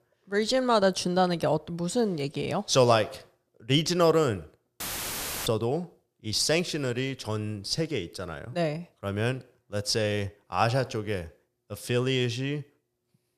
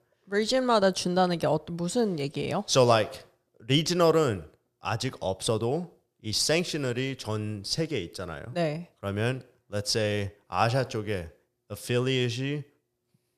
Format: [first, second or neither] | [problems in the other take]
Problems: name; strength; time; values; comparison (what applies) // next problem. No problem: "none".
second | audio cutting out; filled with static; at 5 s for 0.5 s